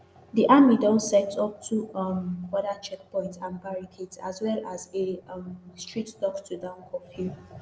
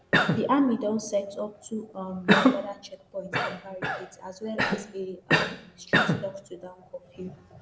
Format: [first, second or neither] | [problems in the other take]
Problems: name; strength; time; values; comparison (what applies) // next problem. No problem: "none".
first | background sound (Cough); 3 dB above the speech